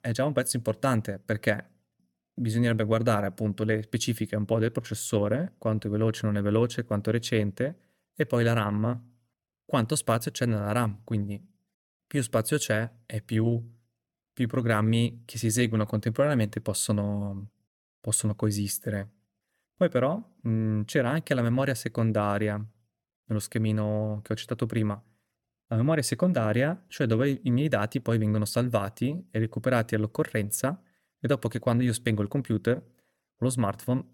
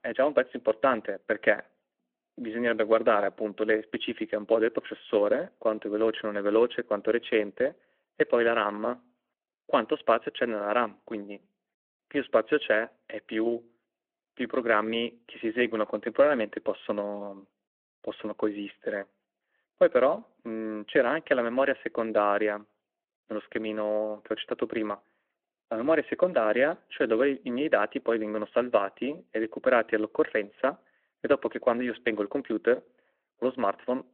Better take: first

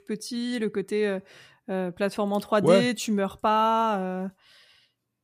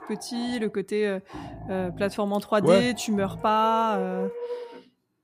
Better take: first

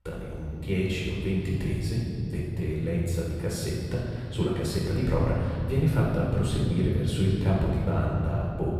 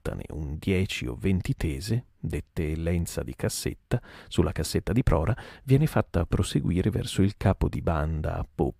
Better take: second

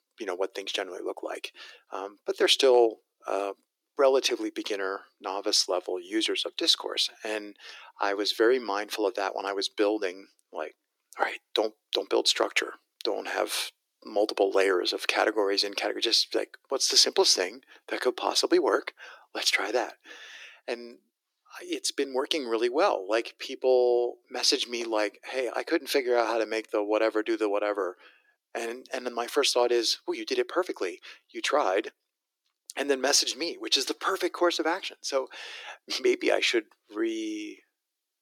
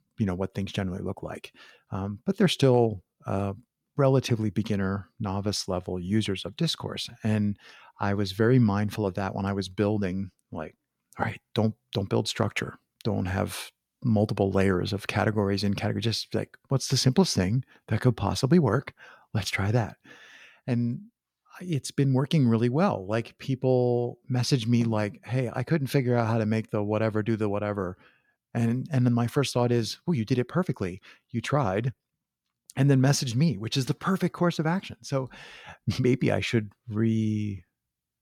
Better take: second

